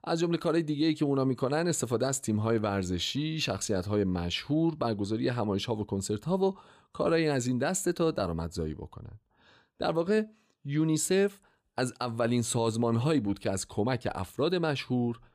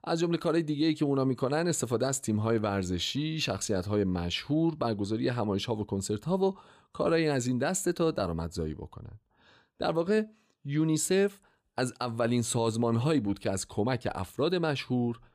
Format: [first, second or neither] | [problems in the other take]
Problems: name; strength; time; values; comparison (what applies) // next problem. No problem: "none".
neither | none